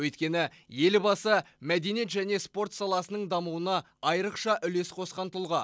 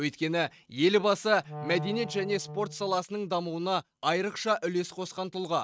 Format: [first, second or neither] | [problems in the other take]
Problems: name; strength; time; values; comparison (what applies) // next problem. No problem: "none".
first | noise reduction (neural mask model RNNoise)